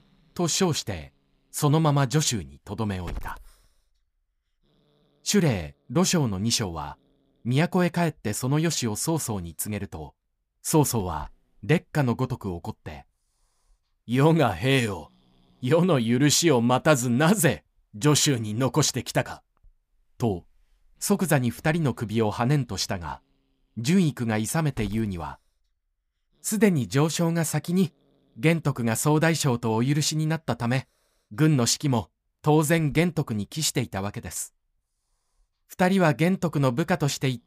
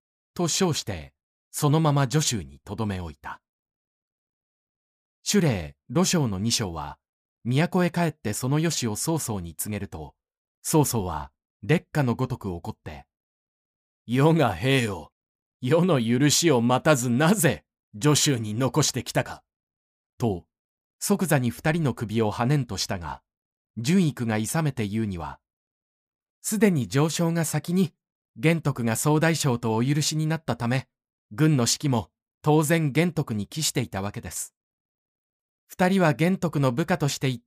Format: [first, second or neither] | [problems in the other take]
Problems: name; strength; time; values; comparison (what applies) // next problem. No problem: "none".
second | hiss; faint; throughout; 30 dB below the speech